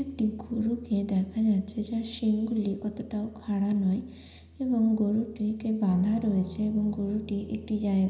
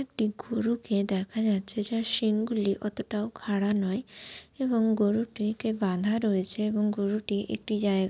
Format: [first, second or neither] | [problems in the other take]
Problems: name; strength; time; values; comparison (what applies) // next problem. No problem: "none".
second | background sound (Guitar); 18 dB below the speech // room echo; dies away in 0.9 s